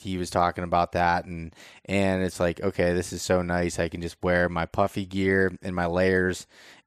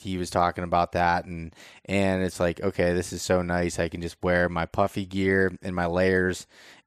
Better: neither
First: none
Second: none

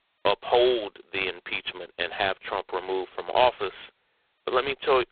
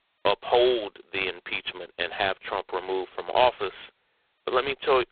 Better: neither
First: phone-call audio; poor line; nothing above 3.5 kHz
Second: phone-call audio; poor line; nothing above 3.5 kHz

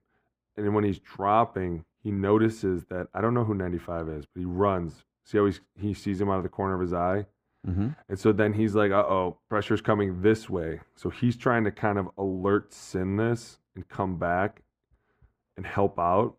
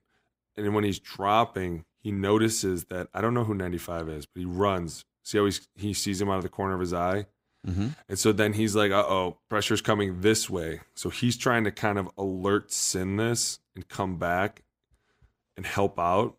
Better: second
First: muffled; very; fading above 3 kHz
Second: none

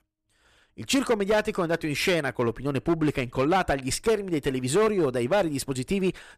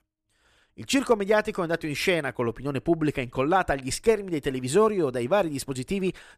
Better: second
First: distortion; slight; 7% of the sound clipped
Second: none

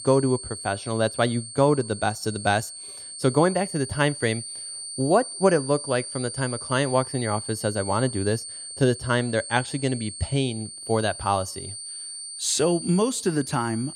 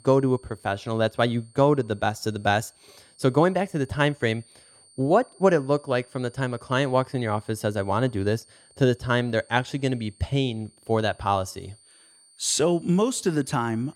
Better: second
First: high-pitched whine; loud; throughout; 8.5 kHz, 9 dB below the speech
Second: high-pitched whine; faint; throughout; 8.5 kHz, 30 dB below the speech

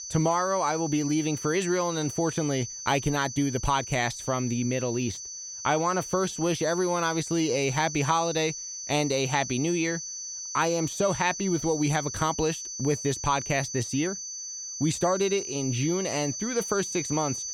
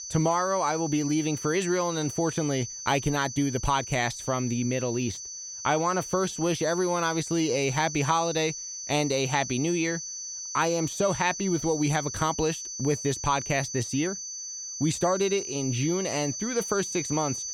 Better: neither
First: high-pitched whine; loud; throughout; 6 kHz, 7 dB below the speech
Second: high-pitched whine; loud; throughout; 6 kHz, 7 dB below the speech

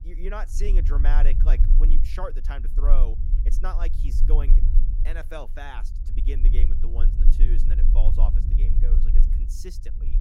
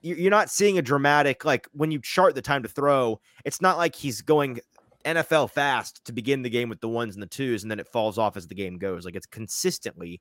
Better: second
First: low rumble; loud; throughout; 8 dB below the speech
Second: none

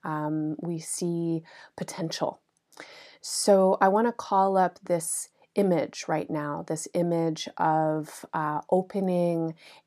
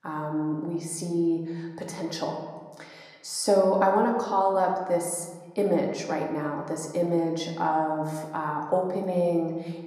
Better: first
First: none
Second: room echo; slight; dies away in 1.1 s // off-mic speech; somewhat distant

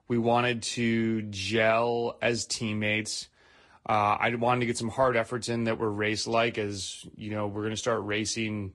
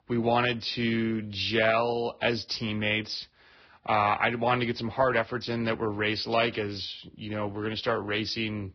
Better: first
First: garbled, watery; slightly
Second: garbled, watery; badly; nothing above 5.5 kHz

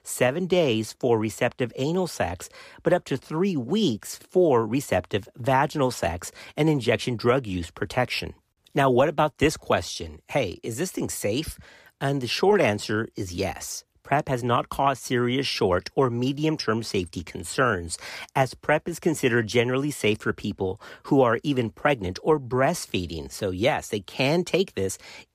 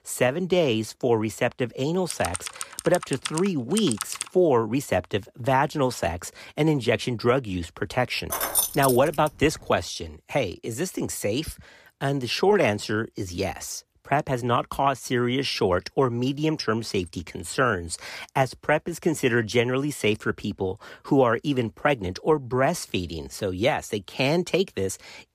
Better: first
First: none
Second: keyboard typing; noticeable; from 2 to 4.5 s; peak 5 dB below the speech // jangling keys; loud; at 8.5 s; peak 3 dB above the speech

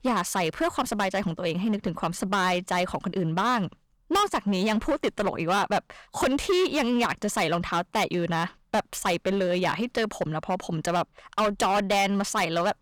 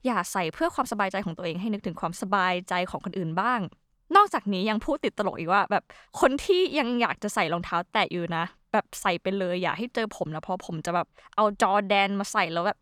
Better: second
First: distortion; heavy; 11% of the sound clipped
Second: none

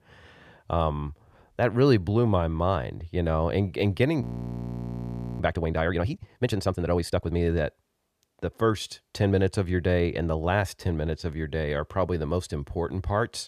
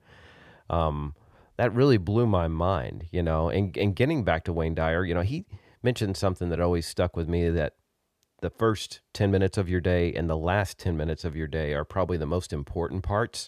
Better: second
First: audio freezing; at 4 s for 1 s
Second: none

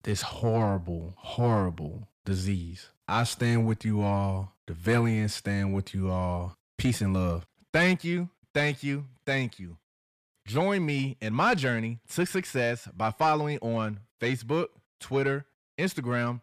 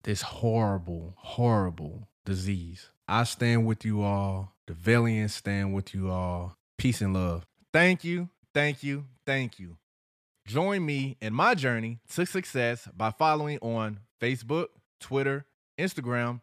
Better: second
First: distortion; slight; 10 dB below the speech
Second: none

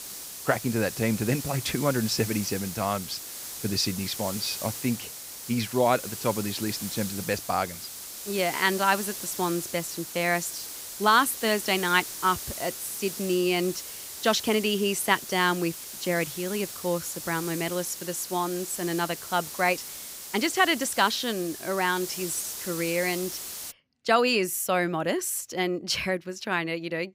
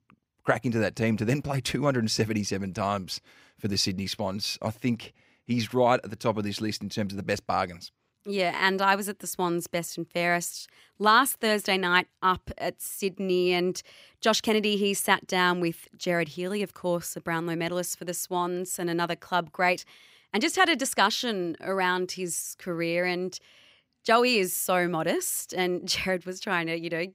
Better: second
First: hiss; loud; until 24 s; 8 dB below the speech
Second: none

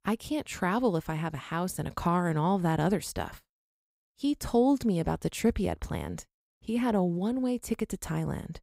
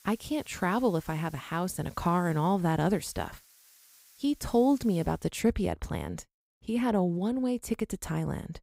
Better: first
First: none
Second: hiss; faint; until 5 s; 25 dB below the speech

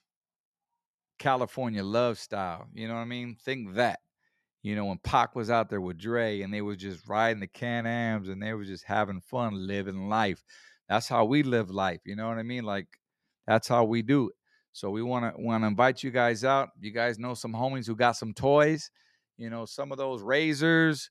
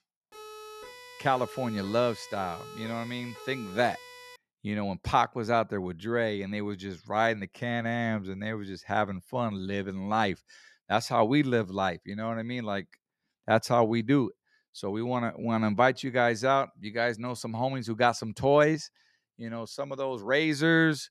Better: first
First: none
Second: siren; faint; until 4.5 s; peak 15 dB below the speech

